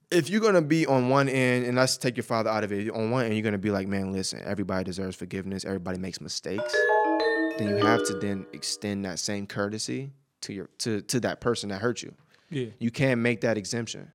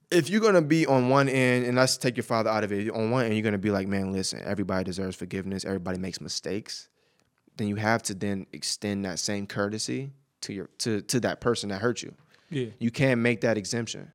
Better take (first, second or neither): second